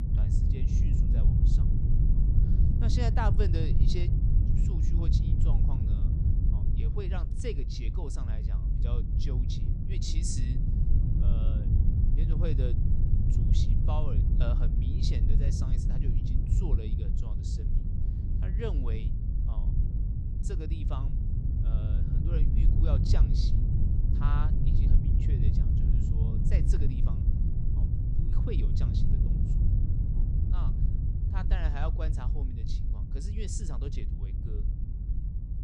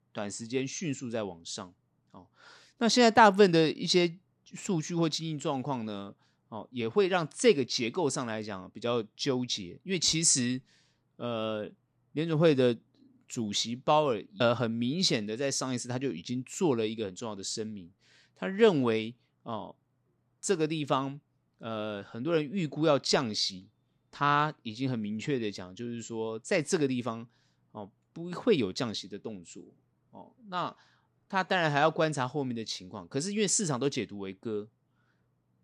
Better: second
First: low rumble; loud; throughout; 1 dB below the speech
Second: none

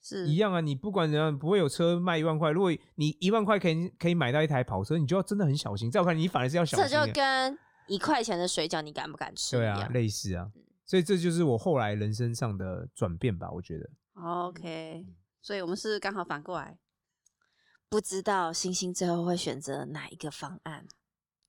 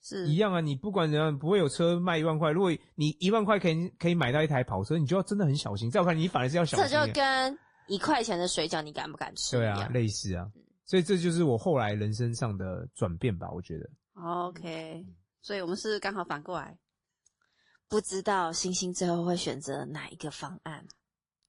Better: first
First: none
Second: garbled, watery; slightly; nothing above 10.5 kHz

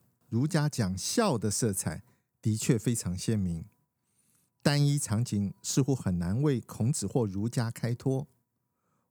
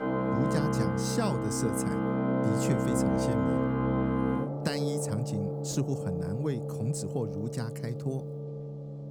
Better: first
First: none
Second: background music; very loud; throughout; 3 dB above the speech

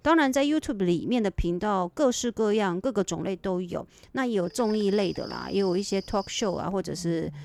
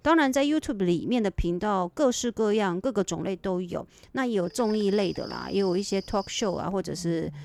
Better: neither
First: animal sounds; noticeable; from 4.5 s on; 15 dB below the speech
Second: animal sounds; noticeable; from 4.5 s on; 15 dB below the speech

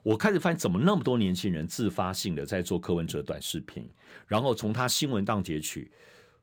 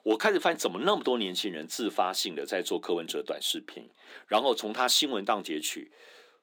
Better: first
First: none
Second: thin; somewhat; fading below 250 Hz

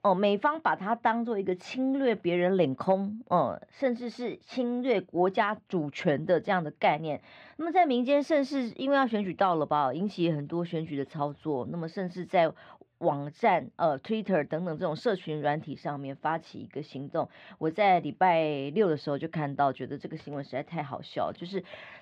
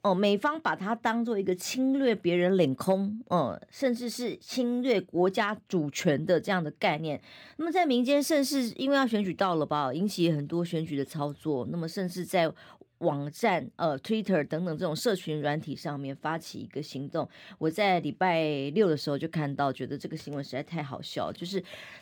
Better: second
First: muffled; slightly; fading above 3 kHz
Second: none

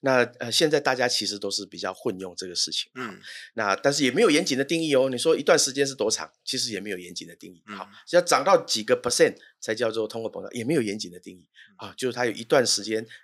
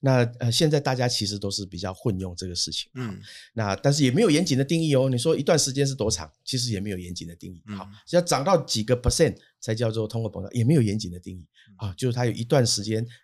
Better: second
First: thin; somewhat; fading below 350 Hz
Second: none

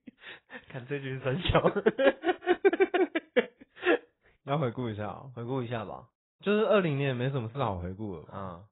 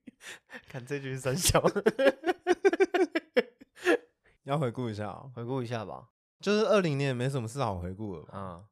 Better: second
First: garbled, watery; badly; nothing above 4 kHz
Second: none

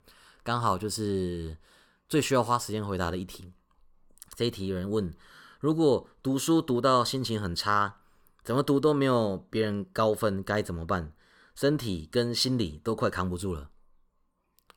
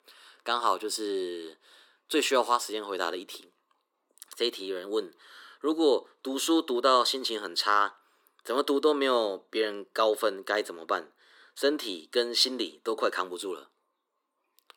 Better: first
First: none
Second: thin; somewhat; fading below 300 Hz

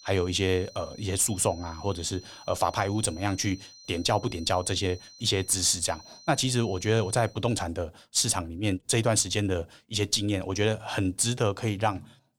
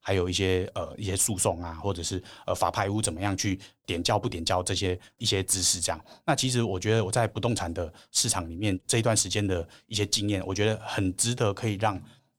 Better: second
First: high-pitched whine; faint; until 7.5 s; 4 kHz, 20 dB below the speech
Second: none

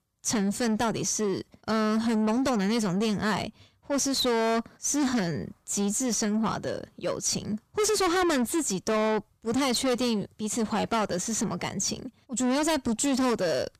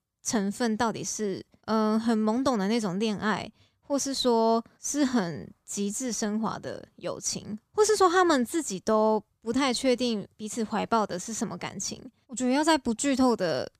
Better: second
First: distortion; heavy; 6 dB below the speech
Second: none

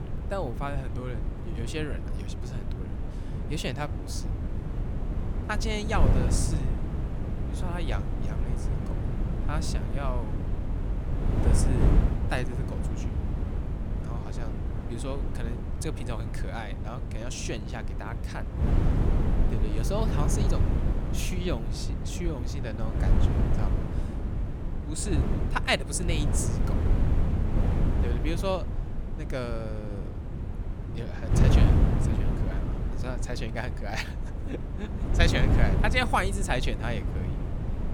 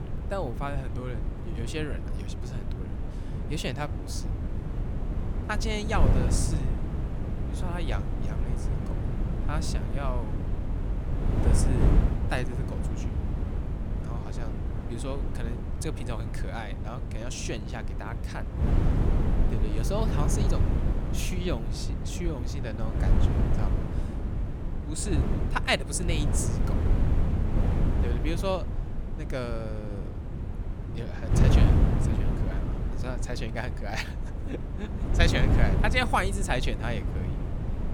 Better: neither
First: wind noise on the microphone; heavy; 5 dB below the speech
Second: wind noise on the microphone; heavy; 5 dB below the speech

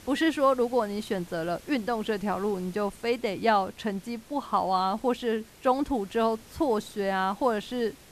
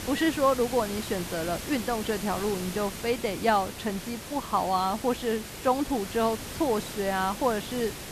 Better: first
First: hiss; faint; throughout; 20 dB below the speech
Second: hiss; loud; throughout; 9 dB below the speech

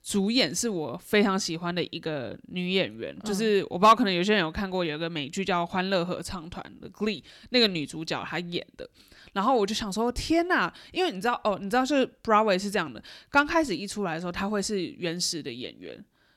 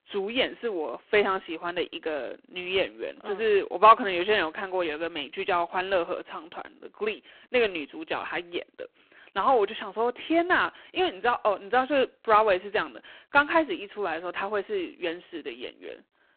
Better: first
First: none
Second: phone-call audio; poor line

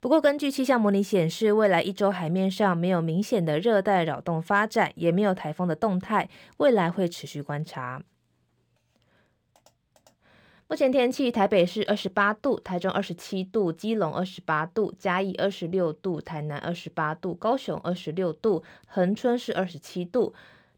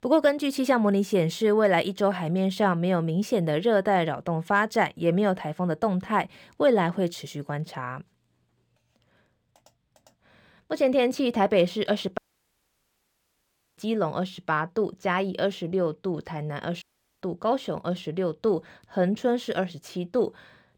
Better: first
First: none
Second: audio cutting out; at 12 s for 1.5 s and at 17 s

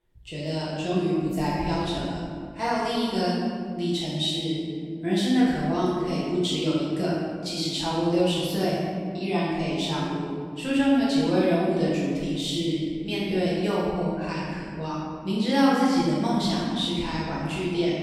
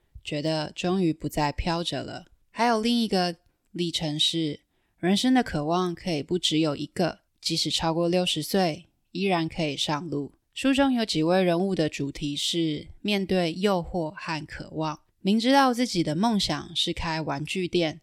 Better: second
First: off-mic speech; far // room echo; strong; dies away in 2.1 s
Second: none

